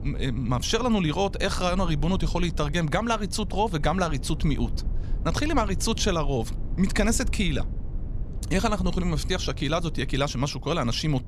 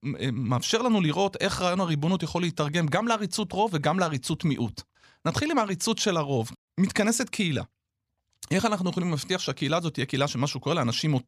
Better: second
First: low rumble; faint; throughout; 20 dB below the speech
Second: none

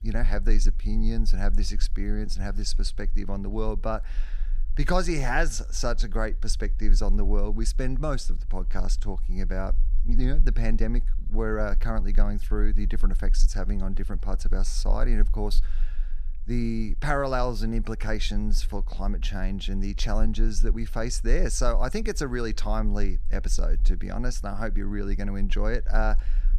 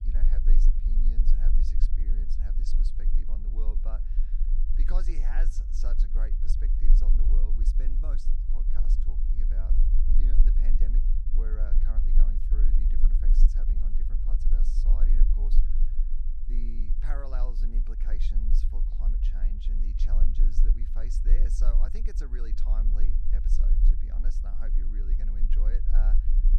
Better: first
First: low rumble; faint; throughout; 25 dB below the speech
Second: low rumble; loud; throughout; 3 dB below the speech

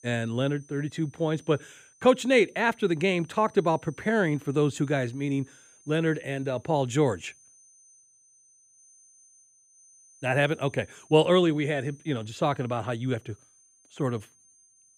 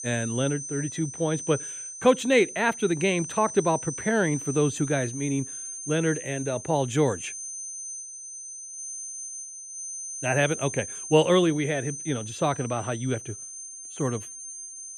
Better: first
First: high-pitched whine; faint; throughout; 6 kHz, 30 dB below the speech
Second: high-pitched whine; loud; throughout; 6 kHz, 9 dB below the speech

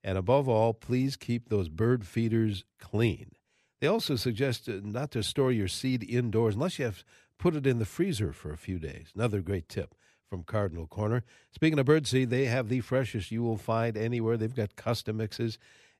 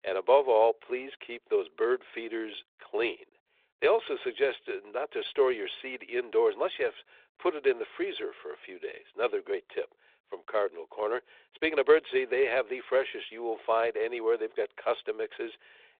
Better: first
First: none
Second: phone-call audio

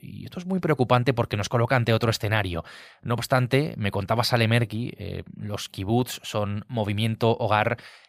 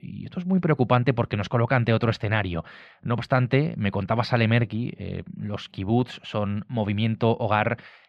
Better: first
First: none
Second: muffled; slightly; fading above 2.5 kHz

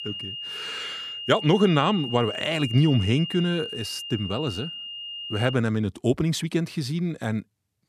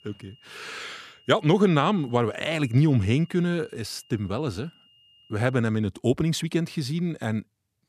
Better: second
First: high-pitched whine; loud; until 5.5 s; 3 kHz, 8 dB below the speech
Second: high-pitched whine; faint; until 5.5 s; 3 kHz, 30 dB below the speech

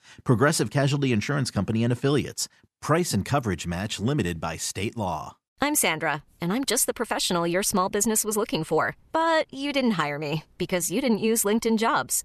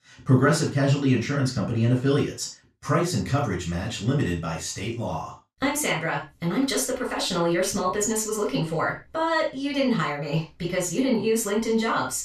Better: first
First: none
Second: room echo; noticeable; dies away in 0.2 s // off-mic speech; far

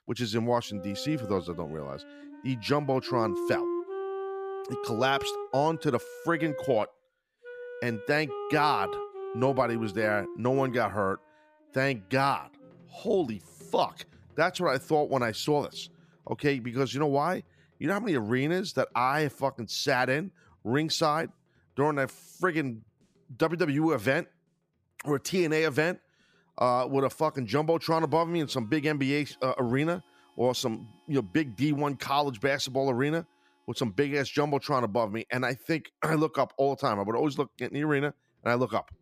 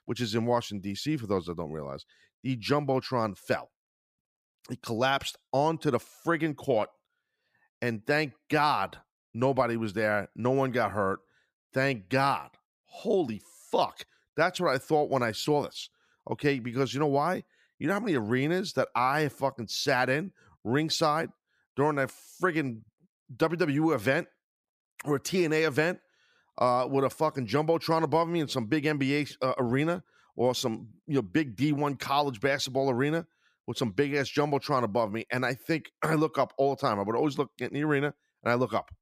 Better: second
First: background music; loud; throughout; 9 dB below the speech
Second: none

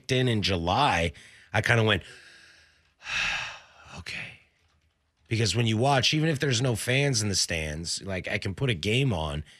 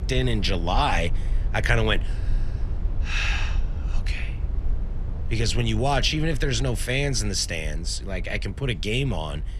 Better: first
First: none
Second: low rumble; noticeable; throughout; 20 dB below the speech

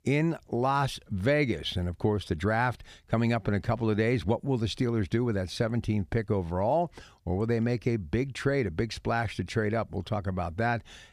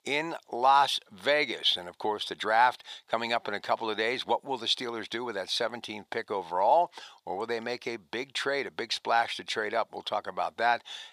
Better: first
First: none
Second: thin; very; fading below 550 Hz

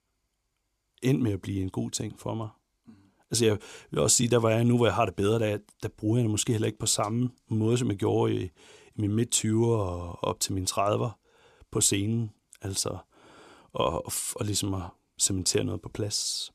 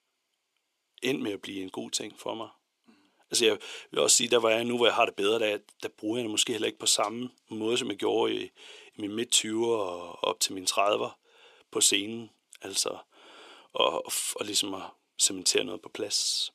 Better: first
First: none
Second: thin; somewhat; fading below 400 Hz

